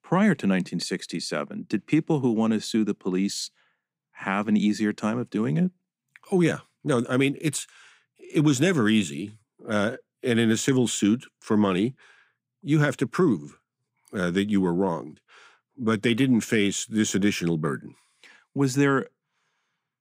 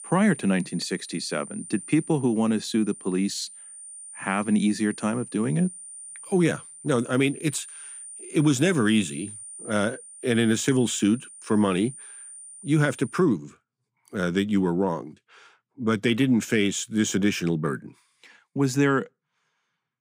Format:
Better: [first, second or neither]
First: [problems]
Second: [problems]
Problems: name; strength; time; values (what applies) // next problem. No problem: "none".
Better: first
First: none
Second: high-pitched whine; noticeable; until 13 s; 9 kHz, 15 dB below the speech